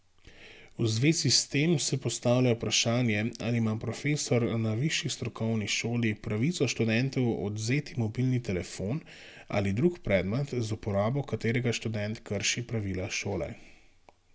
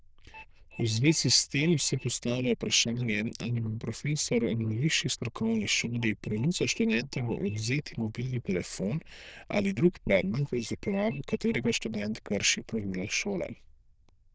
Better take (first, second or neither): first